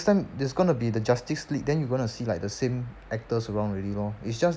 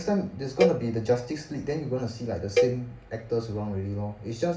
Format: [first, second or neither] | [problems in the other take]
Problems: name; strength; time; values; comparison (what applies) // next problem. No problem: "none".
first | background sound (Cowbell); 2 dB below the speech // room echo; dies away in 0.4 s